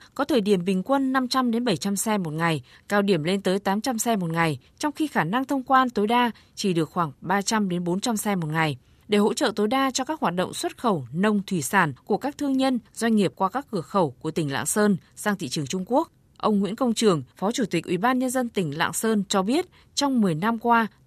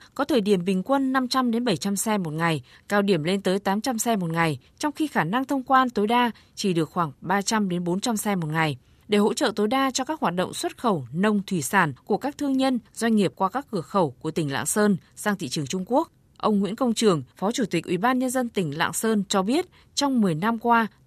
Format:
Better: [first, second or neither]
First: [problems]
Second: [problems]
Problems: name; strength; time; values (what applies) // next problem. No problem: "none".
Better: neither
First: none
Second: none